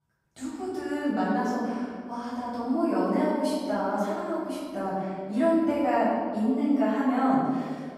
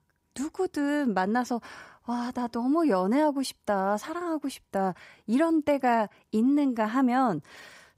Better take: second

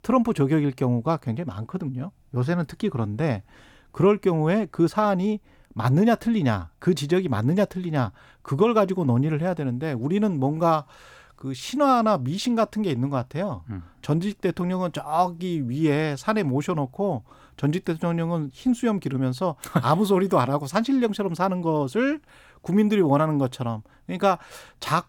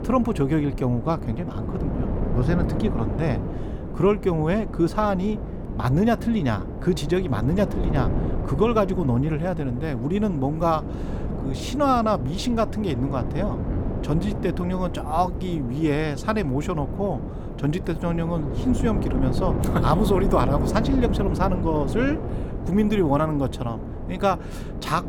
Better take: first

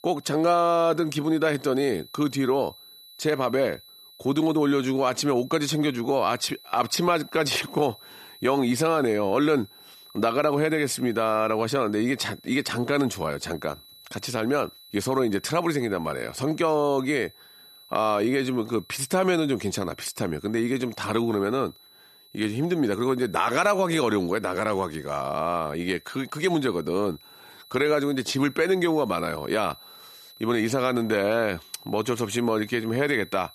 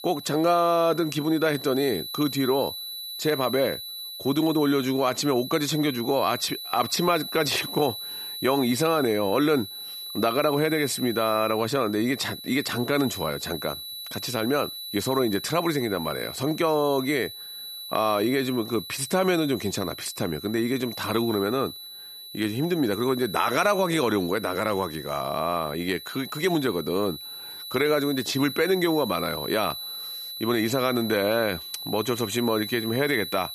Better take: first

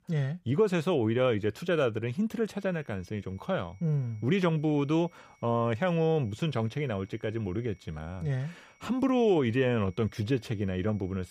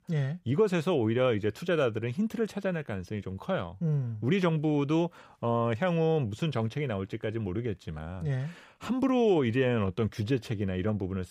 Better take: second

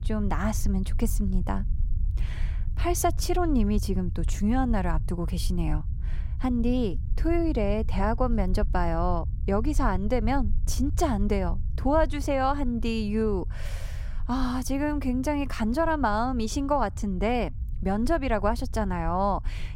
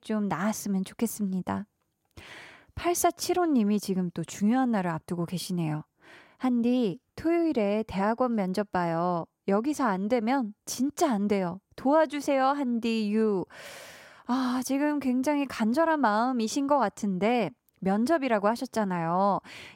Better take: second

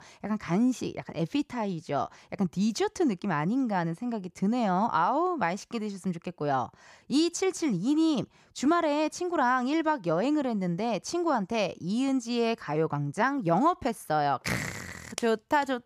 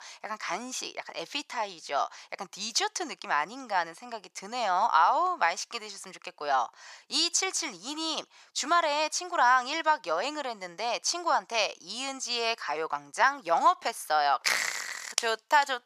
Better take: first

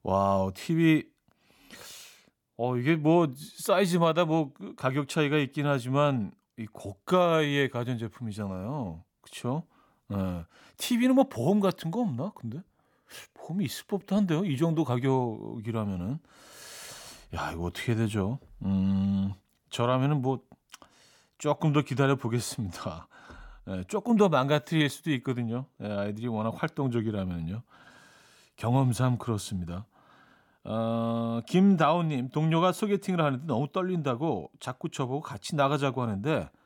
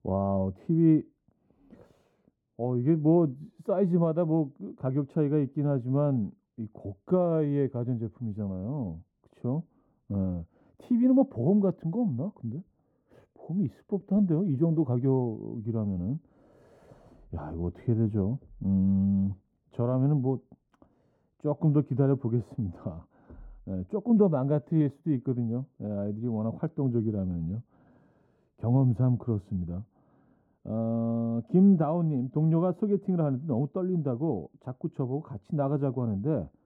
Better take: first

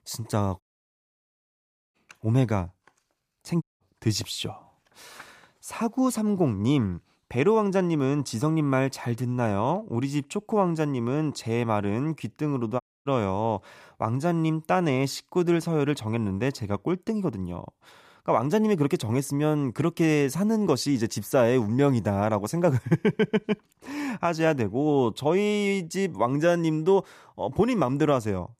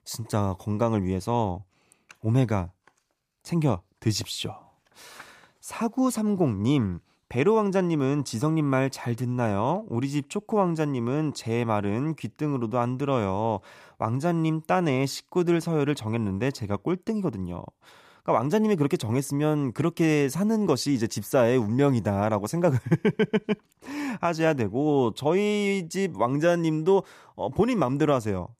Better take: second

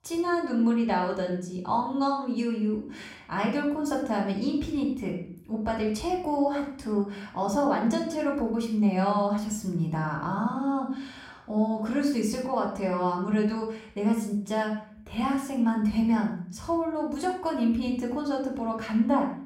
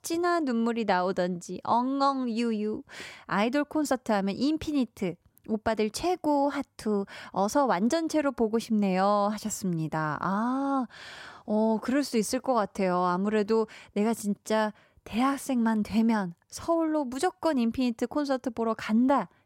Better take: second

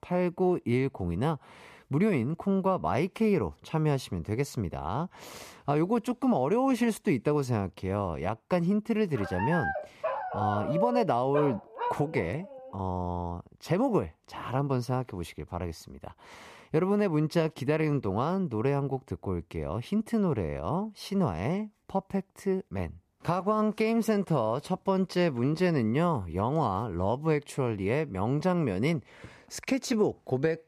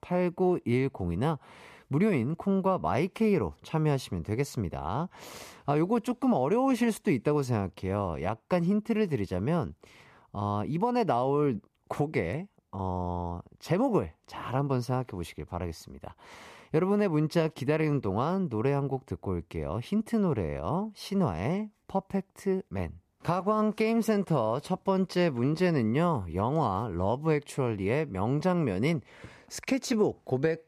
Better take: second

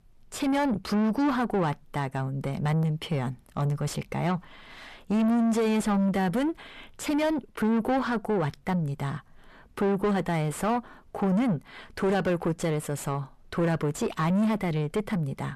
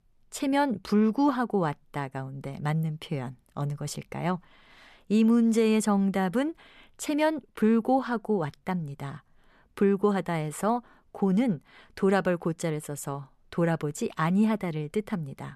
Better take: second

